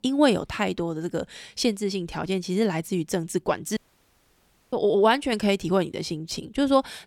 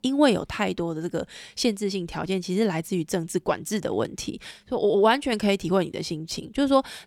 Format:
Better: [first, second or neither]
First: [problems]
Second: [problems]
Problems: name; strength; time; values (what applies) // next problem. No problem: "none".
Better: second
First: audio cutting out; at 4 s for 1 s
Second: none